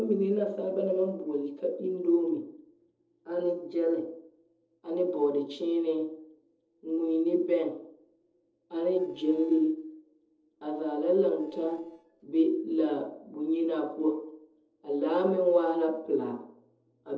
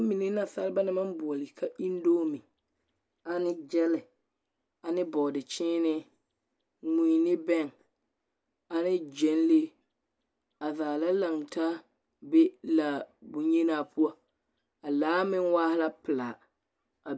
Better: second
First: noise reduction (neural separator model SepFormer DNS4)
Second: none

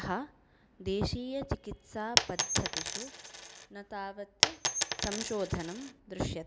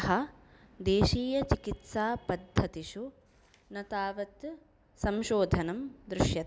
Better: second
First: background sound (Coin (dropping)); 4 dB above the speech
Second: none

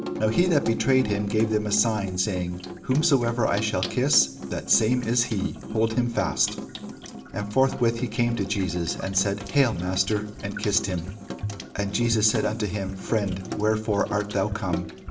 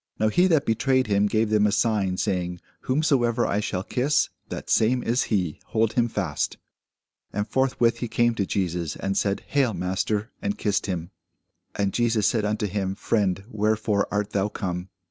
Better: second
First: background sound (Sink (filling or washing) / Water tap, faucet); 10 dB below the speech // room echo; dies away in 1.4 s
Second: none

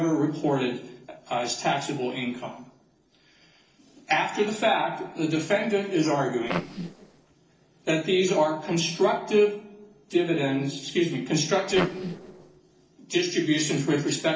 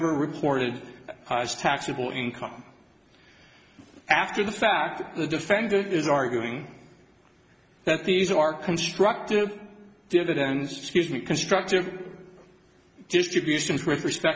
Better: second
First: noise reduction (neural separator model SepFormer DNS4)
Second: none

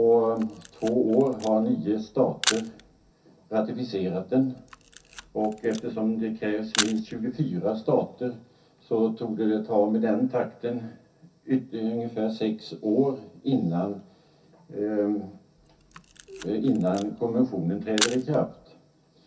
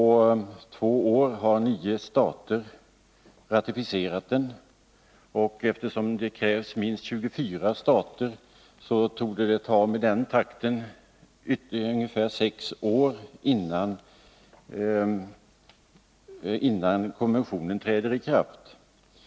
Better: second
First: background sound (Camera); 9 dB below the speech // room echo; dies away in 0.3 s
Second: none

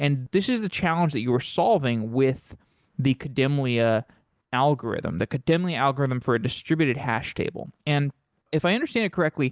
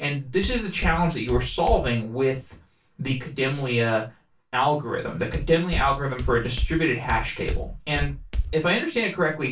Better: first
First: none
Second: background sound (Walk, footsteps); 4 dB below the speech // room echo; dies away in 0.2 s

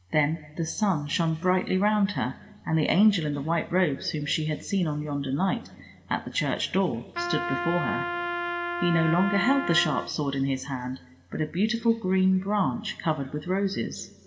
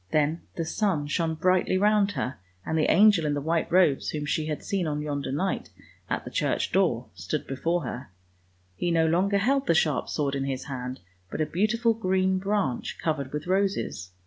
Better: second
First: background sound (Trumpet); 5 dB below the speech // room echo; dies away in 1.4 s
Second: none

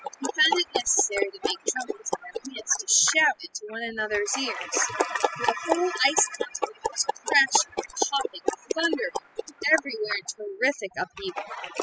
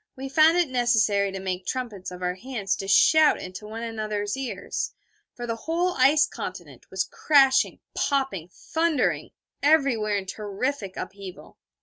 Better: second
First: noise reduction (classical method spectral subtraction)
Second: none

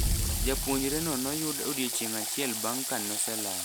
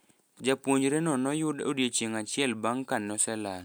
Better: second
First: background sound (Explosion + Water tap, faucet / Water); 2 dB above the speech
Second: none

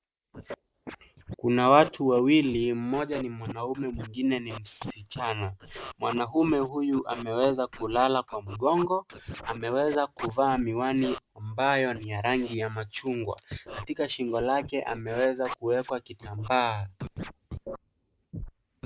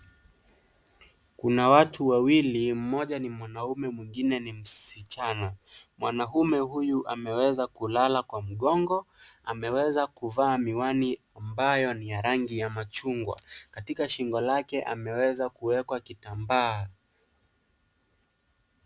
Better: second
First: noise reduction (neural mask model Resemble Enhance denoiser)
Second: none

